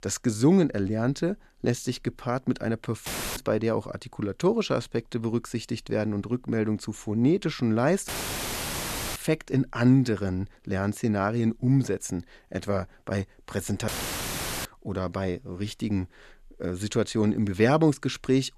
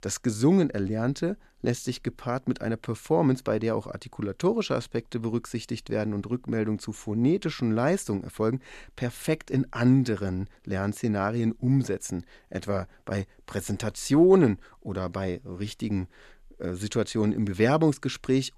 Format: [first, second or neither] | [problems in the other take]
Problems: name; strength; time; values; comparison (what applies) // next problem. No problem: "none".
second | audio cutting out; filled with static; at 3 s, at 8 s for 1 s and at 14 s for 1 s